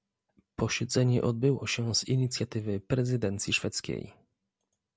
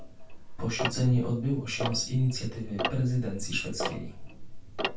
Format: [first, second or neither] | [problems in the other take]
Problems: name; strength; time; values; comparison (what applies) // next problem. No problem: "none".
first | background sound (Tick-tock); 4 dB below the speech // room echo; dies away in 0.3 s